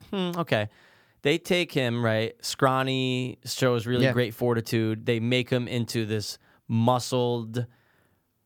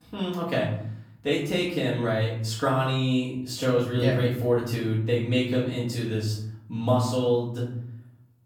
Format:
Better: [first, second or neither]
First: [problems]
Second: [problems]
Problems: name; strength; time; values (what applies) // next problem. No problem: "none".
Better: first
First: none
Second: off-mic speech; far // room echo; noticeable; dies away in 0.8 s